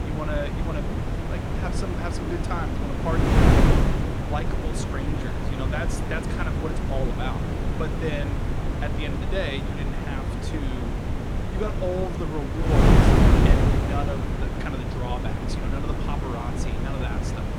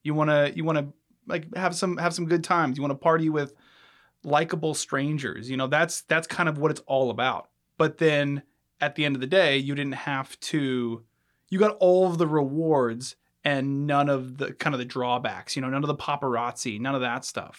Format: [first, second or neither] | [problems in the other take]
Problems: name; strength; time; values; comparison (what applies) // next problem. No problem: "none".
second | wind noise on the microphone; heavy; 3 dB above the speech